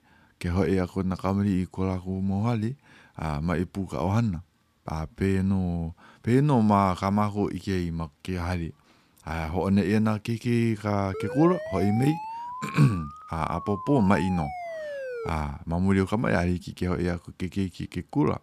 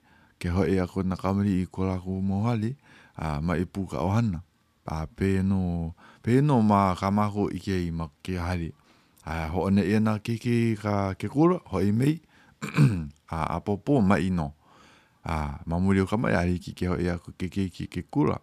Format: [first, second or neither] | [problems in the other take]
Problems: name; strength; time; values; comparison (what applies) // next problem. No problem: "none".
second | siren; noticeable; from 11 to 15 s; peak 8 dB below the speech